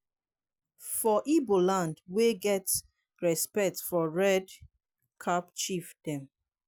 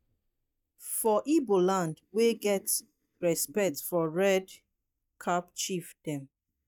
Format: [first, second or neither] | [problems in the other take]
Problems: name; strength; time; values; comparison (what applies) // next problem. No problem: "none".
first | noise reduction (neural mask model DeepFilterNet 3)